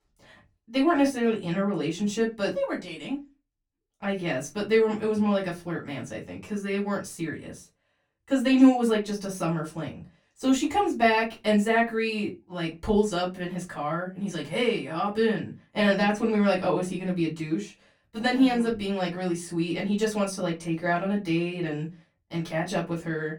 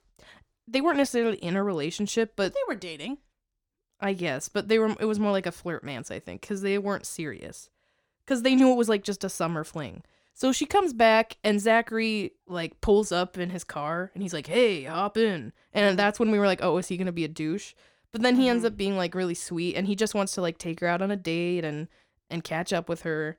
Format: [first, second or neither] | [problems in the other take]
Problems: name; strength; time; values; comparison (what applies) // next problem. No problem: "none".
second | off-mic speech; far // room echo; very slight; dies away in 0.2 s